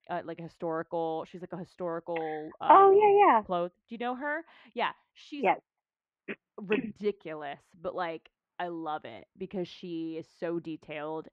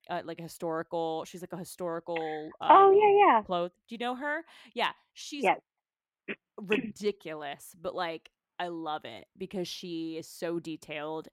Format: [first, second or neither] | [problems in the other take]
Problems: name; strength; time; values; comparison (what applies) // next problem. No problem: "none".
second | muffled; slightly; fading above 2.5 kHz